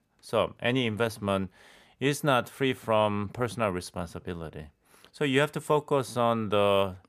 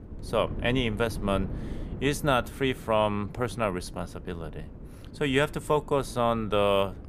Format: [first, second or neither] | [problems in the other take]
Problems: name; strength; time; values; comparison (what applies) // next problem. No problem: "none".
first | wind noise on the microphone; occasional gusts; 20 dB below the speech